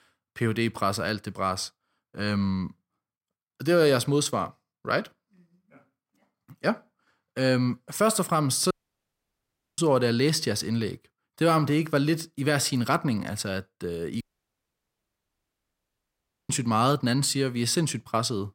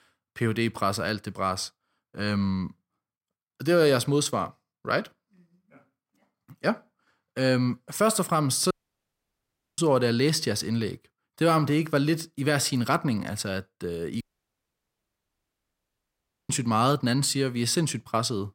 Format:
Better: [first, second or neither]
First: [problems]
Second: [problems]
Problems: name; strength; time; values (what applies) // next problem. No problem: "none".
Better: neither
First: audio cutting out; at 8.5 s for 1 s and at 14 s for 2.5 s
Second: audio cutting out; at 8.5 s for 1 s and at 14 s for 2.5 s